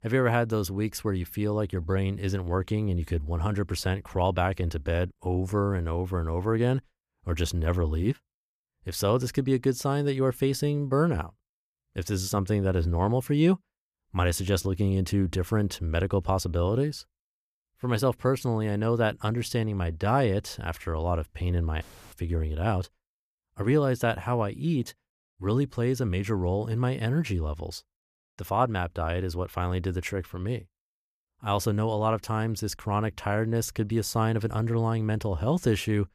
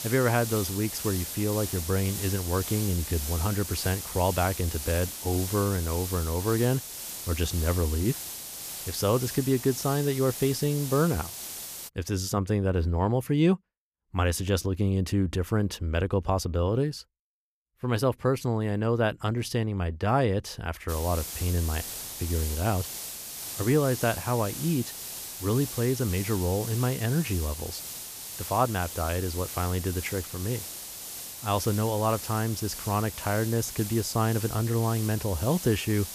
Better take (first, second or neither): first